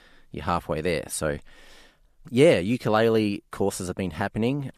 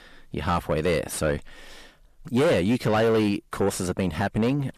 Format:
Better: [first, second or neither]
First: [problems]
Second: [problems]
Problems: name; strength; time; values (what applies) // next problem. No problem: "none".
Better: first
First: none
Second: distortion; heavy; 7 dB below the speech